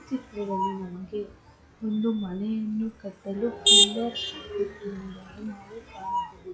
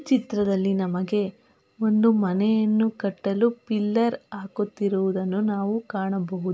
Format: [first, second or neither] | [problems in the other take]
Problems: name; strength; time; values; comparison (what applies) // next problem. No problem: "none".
second | noise reduction (classical method log-MMSE)